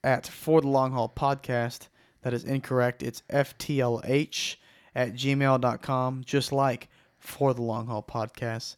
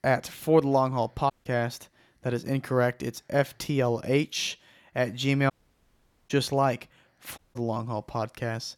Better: first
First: none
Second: audio cutting out; at 1.5 s, at 5.5 s for 1 s and at 7.5 s

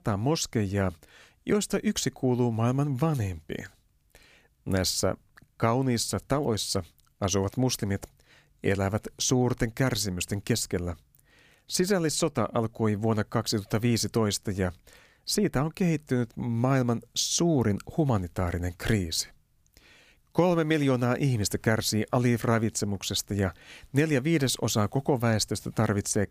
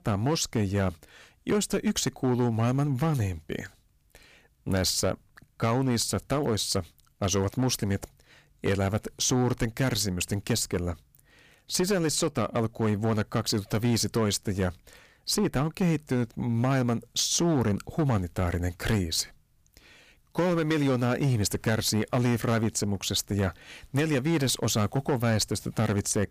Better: first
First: none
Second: distortion; slight; 8% of the sound clipped

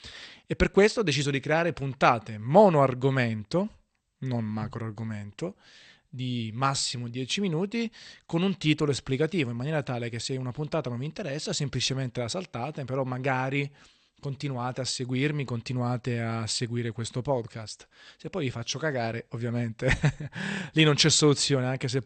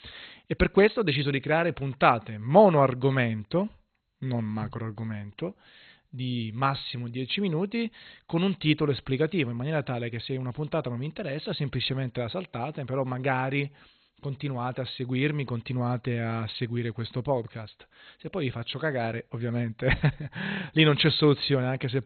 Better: first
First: garbled, watery; slightly; nothing above 8.5 kHz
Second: garbled, watery; badly; nothing above 4 kHz

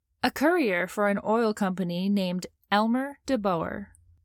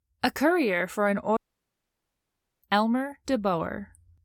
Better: first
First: none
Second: audio cutting out; at 1.5 s for 1.5 s

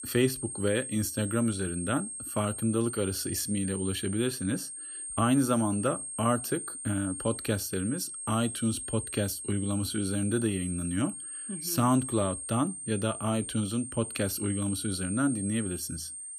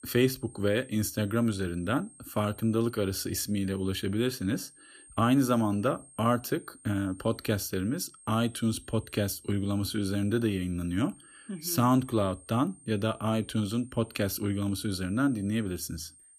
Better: second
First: high-pitched whine; loud; throughout; 8.5 kHz, 6 dB below the speech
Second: high-pitched whine; faint; throughout; 8.5 kHz, 25 dB below the speech

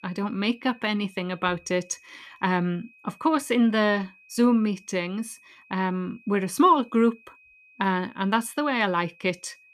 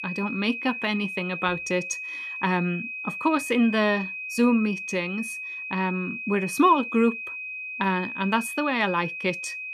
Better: first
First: high-pitched whine; faint; throughout; 2.5 kHz, 30 dB below the speech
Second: high-pitched whine; loud; throughout; 2.5 kHz, 6 dB below the speech

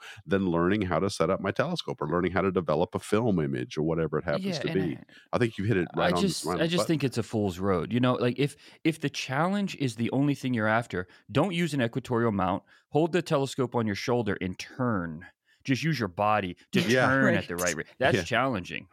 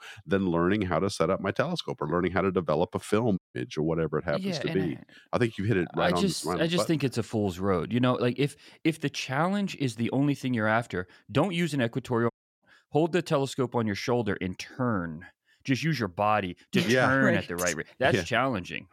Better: first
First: none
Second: audio cutting out; at 3.5 s and at 12 s

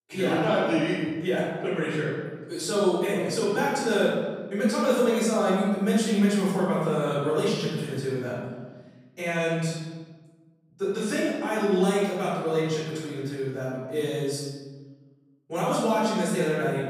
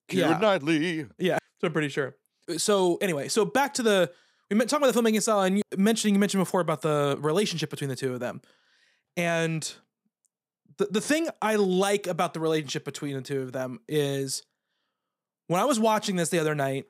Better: second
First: off-mic speech; far // room echo; strong; dies away in 1.3 s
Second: none

